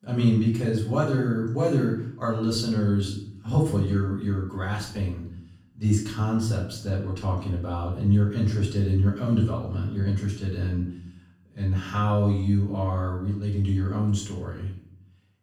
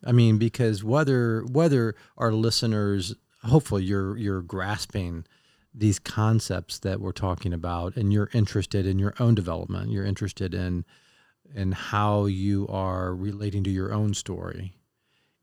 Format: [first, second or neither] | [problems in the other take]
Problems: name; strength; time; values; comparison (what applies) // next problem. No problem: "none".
second | off-mic speech; far // room echo; noticeable; dies away in 0.6 s